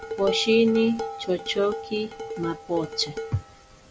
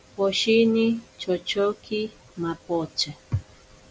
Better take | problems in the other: second | background sound (Dishes, pots, and pans); 9 dB below the speech

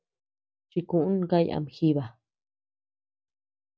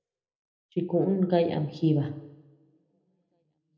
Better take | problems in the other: first | room echo; dies away in 0.7 s

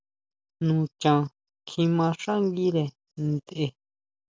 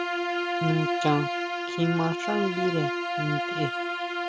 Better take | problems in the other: first | background sound (Bowed string instrument); as loud as the speech

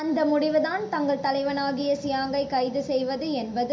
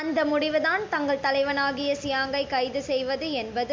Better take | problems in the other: second | room echo; dies away in 0.2 s

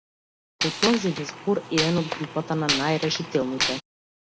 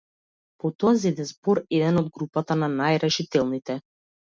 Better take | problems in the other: second | background sound (Gunshot, gunfire); 3 dB below the speech

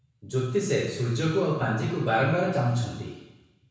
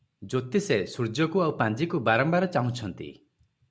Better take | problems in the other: second | room echo; dies away in 1 s

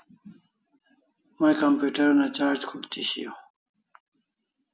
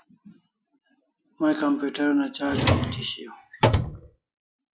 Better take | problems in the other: first | noise reduction (classical method log-MMSE)

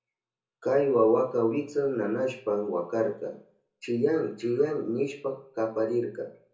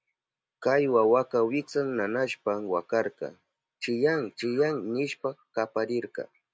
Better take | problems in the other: second | room echo; dies away in 0.7 s

